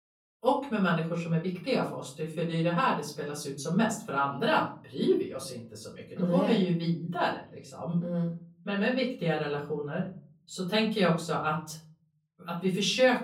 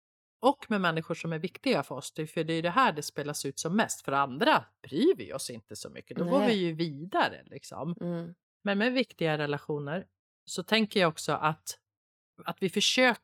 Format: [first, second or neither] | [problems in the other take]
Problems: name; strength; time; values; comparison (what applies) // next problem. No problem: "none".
second | room echo; slight; dies away in 0.5 s // off-mic speech; far